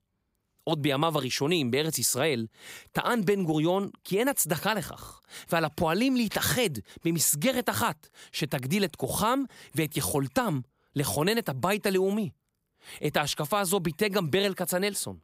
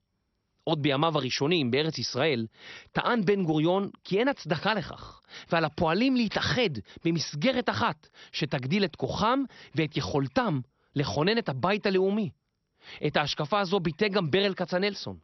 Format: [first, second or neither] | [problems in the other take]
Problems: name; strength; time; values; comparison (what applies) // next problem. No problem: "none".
first | garbled, watery; slightly; nothing above 6 kHz